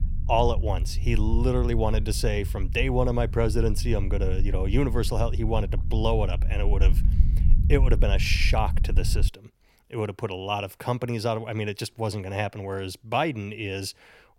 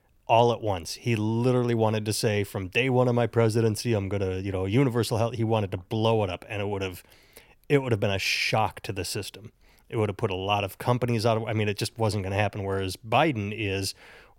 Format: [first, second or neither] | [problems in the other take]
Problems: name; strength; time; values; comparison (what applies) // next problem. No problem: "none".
second | low rumble; noticeable; until 9.5 s; 15 dB below the speech